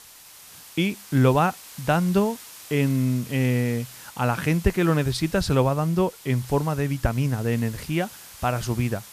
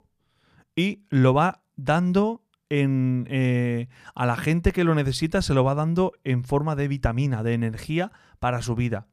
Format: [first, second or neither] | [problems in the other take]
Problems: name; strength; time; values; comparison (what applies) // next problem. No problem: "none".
second | hiss; noticeable; throughout; 15 dB below the speech